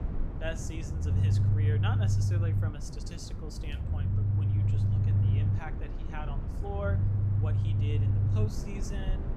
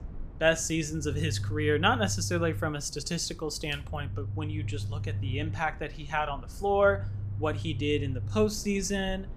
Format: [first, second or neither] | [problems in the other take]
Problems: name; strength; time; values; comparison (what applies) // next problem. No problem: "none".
second | low rumble; loud; throughout; as loud as the speech; faint in the second